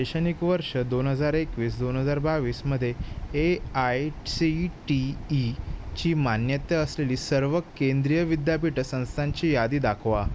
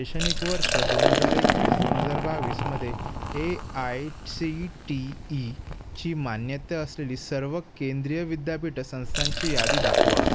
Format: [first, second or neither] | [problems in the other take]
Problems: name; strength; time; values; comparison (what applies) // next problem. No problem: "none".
first | background sound (Liquid); 3 dB above the speech